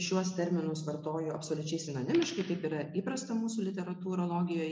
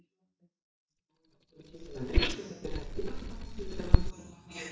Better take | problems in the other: first | noise reduction (neural mask model DeepFilterNet 3)

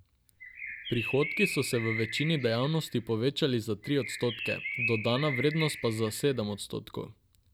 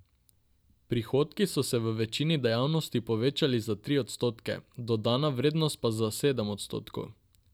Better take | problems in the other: second | background sound (Bird); 7 dB below the speech

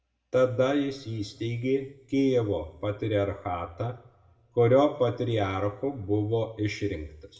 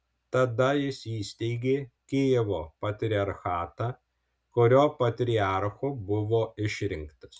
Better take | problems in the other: second | room echo; dies away in 0.9 s

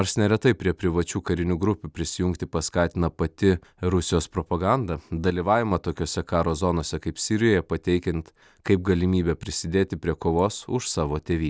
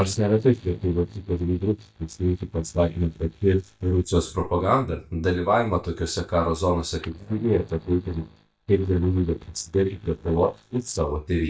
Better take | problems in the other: first | noise reduction (neural mask model DeepFilterNet 3)

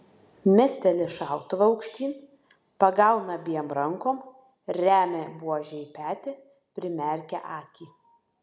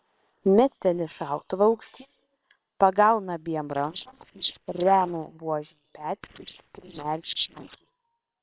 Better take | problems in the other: first | noise reduction (neural separator model SepFormer WHAM!)

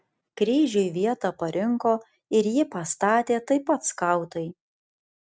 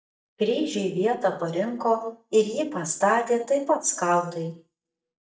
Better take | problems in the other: first | noise reduction (neural mask model DeepFilterNet 3)

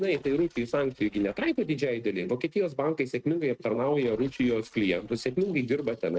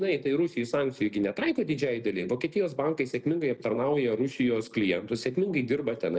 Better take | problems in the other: second | noise reduction (neural mask model RNNoise)

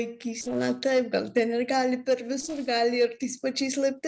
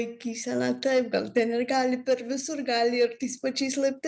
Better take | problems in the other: second | noise reduction (neural separator model SepFormer DNS4)

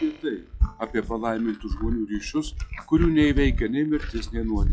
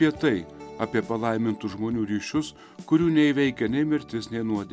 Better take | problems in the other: second | noise reduction (classical method log-MMSE)

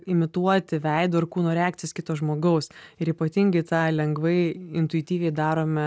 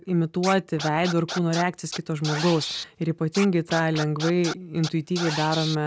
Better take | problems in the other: first | background sound (Scratching (performance technique)); 10 dB below the speech

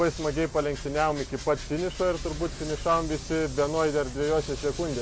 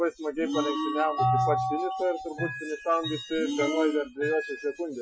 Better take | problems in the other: first | noise reduction (classical method Wiener filter)

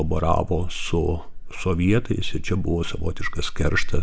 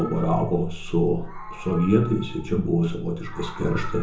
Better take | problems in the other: first | background sound (Meow); 18 dB below the speech // room echo; dies away in 0.5 s

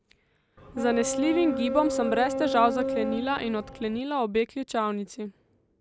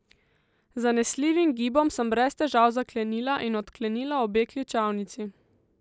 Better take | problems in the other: second | background sound (Boat, Water vehicle); 3 dB below the speech

